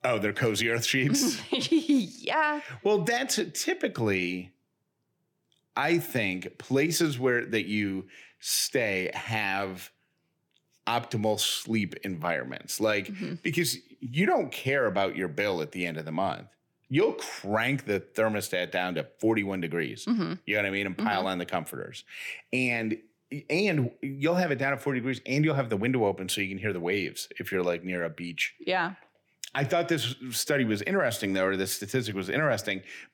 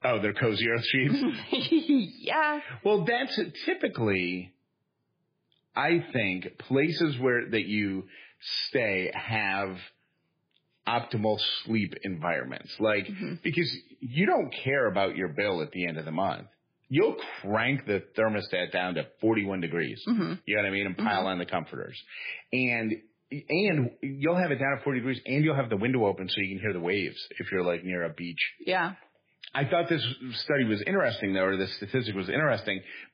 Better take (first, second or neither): first